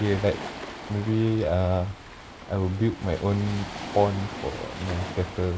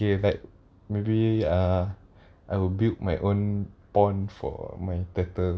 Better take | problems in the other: second | background sound (Waves, surf); 11 dB below the speech

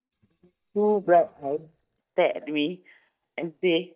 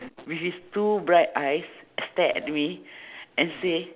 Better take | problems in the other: second | noise reduction (neural mask model DeepFilterNet 3)

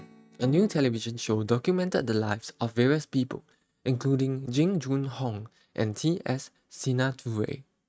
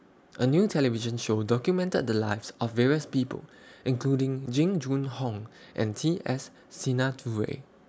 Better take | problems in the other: second | noise reduction (neural mask model RNNoise)

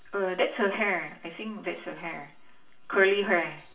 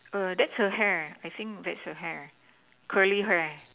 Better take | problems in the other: second | room echo; dies away in 0.4 s

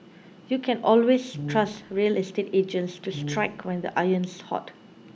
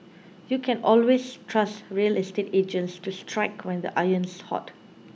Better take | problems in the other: second | background sound (Brass instrument); 11 dB below the speech

